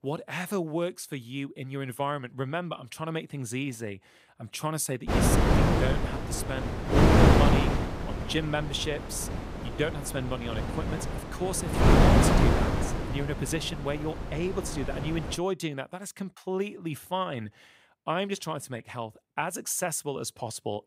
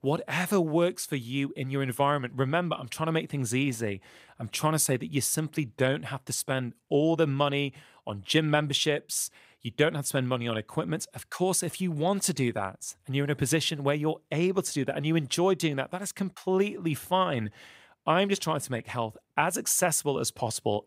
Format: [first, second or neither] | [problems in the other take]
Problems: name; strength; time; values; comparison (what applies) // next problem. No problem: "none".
second | wind noise on the microphone; heavy; from 5 to 15 s; 5 dB above the speech